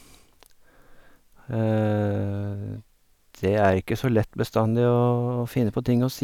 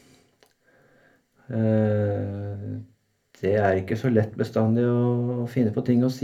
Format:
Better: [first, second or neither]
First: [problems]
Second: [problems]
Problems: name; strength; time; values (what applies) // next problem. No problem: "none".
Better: first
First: none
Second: room echo; dies away in 0.3 s